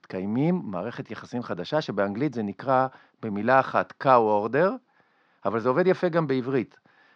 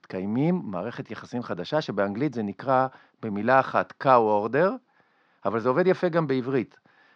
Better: neither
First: muffled; very slightly; fading above 5 kHz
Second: muffled; very slightly; fading above 5 kHz

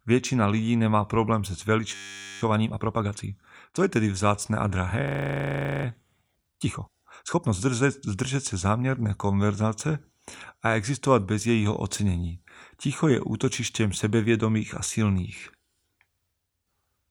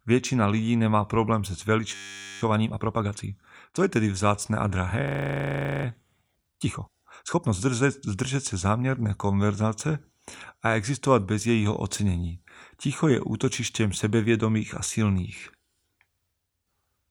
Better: neither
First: audio freezing; at 2 s and at 5 s for 1 s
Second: audio freezing; at 2 s and at 5 s for 1 s

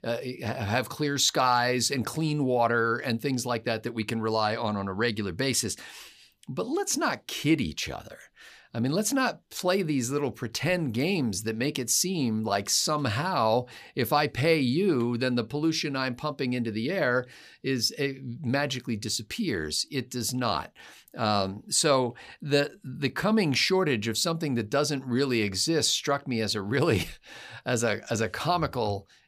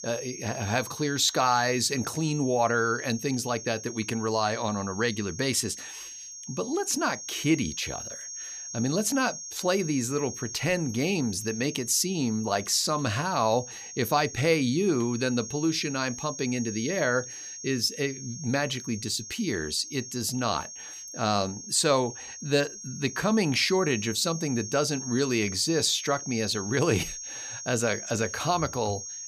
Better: first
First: none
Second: high-pitched whine; loud; throughout; 6.5 kHz, 10 dB below the speech

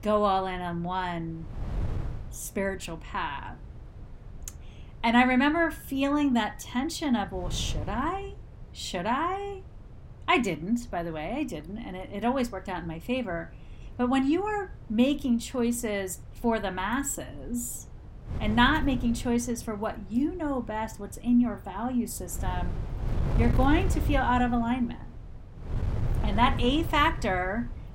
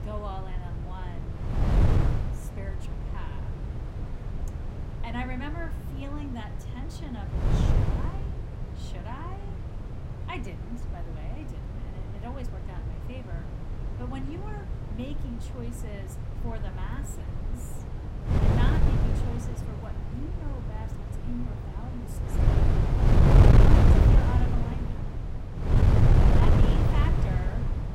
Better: first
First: wind noise on the microphone; occasional gusts; 20 dB below the speech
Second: wind noise on the microphone; heavy; 5 dB above the speech

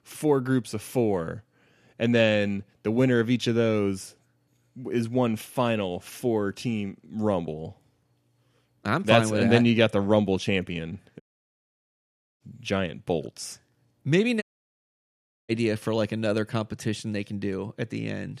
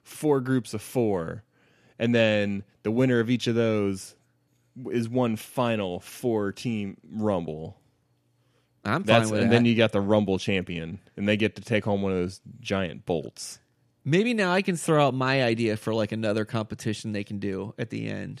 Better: second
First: audio cutting out; at 11 s for 1 s and at 14 s for 1 s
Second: none

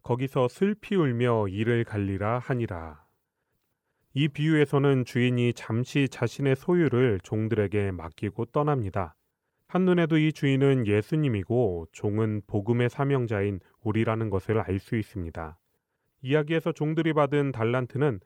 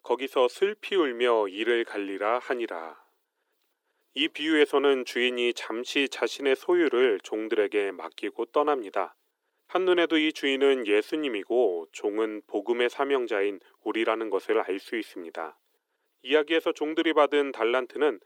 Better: first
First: none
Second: thin; somewhat; fading below 300 Hz

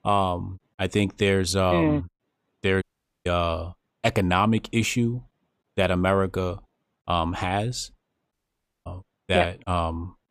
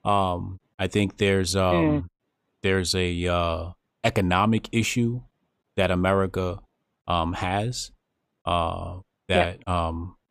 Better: second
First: audio cutting out; at 3 s and at 8.5 s for 0.5 s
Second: none

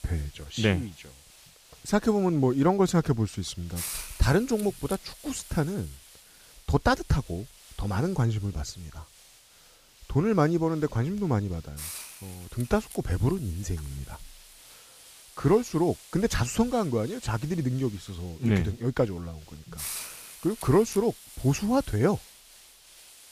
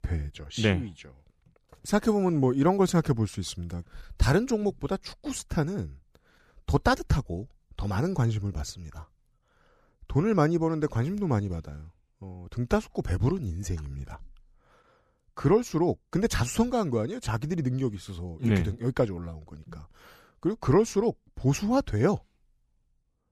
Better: second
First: hiss; noticeable; throughout; 15 dB below the speech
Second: none

